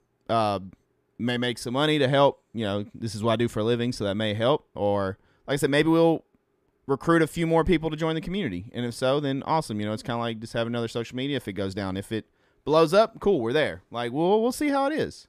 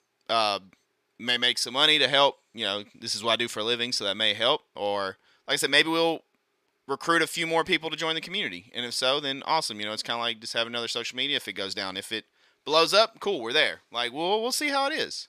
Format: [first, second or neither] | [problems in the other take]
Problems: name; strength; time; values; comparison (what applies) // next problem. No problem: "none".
first | thin; somewhat; fading below 1 kHz